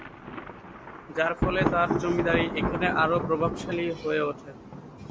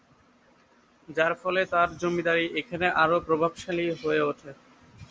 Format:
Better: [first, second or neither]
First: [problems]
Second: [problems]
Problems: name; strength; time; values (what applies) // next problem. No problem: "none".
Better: second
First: background sound (Thunder); 3 dB below the speech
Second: none